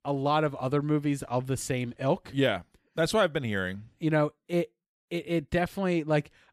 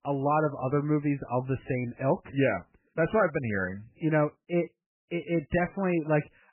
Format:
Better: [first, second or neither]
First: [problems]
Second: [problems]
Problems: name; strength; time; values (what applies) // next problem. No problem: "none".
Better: first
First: none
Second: garbled, watery; badly; nothing above 3 kHz